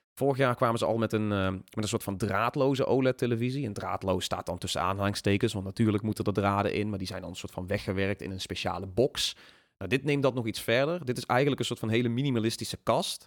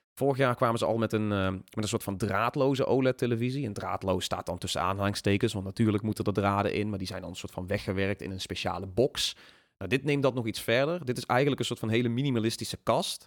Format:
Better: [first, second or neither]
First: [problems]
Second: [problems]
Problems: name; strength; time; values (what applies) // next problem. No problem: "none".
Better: neither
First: none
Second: none